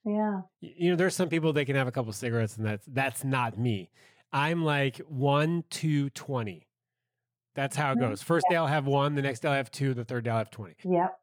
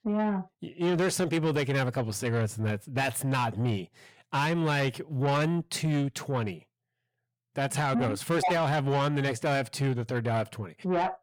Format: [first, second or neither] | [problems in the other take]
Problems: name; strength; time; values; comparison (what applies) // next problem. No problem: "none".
first | distortion; slight; 10 dB below the speech